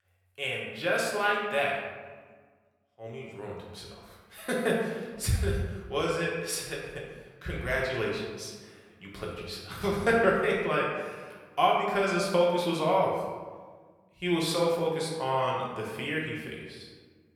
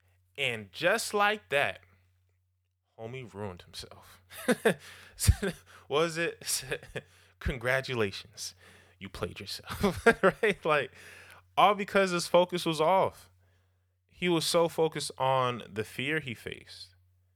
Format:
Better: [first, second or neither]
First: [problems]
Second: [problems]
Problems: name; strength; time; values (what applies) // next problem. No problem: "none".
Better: second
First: room echo; noticeable; dies away in 1.1 s // off-mic speech; far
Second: none